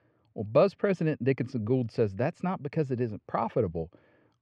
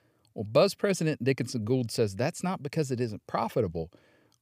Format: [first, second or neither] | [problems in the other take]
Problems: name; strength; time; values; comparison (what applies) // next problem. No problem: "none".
second | muffled; slightly; fading above 2 kHz